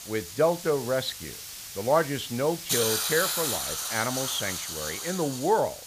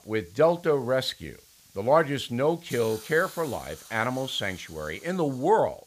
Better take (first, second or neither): second